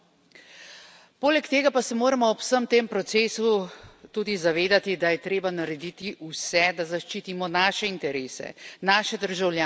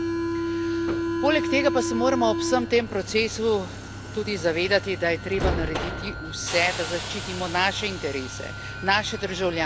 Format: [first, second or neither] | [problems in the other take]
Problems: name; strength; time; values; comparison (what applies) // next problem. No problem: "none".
first | background sound (Subway, metro, underground); 4 dB below the speech